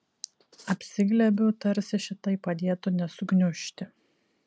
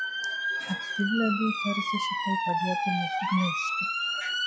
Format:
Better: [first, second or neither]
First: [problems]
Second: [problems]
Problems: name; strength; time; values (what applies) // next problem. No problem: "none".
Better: first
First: none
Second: noise reduction (classical method log-MMSE)